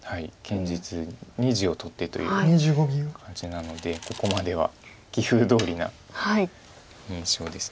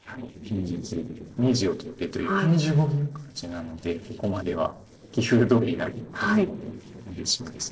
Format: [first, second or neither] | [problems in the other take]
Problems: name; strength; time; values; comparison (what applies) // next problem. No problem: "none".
first | noise reduction (neural separator model SepFormer DNS4)